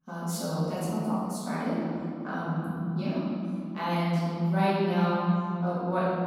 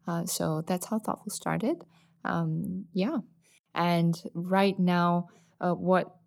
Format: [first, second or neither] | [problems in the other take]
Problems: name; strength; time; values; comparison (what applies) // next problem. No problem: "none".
second | room echo; strong; dies away in 2.5 s // off-mic speech; far